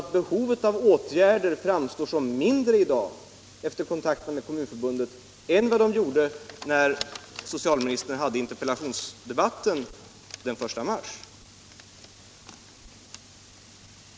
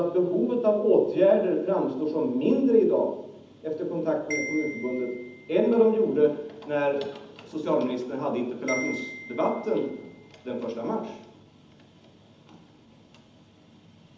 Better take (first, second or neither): first